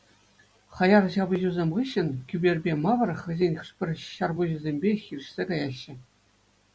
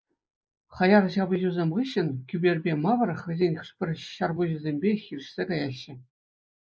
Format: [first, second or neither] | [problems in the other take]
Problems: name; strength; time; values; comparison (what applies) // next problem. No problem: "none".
first | noise reduction (neural mask model Resemble Enhance denoiser)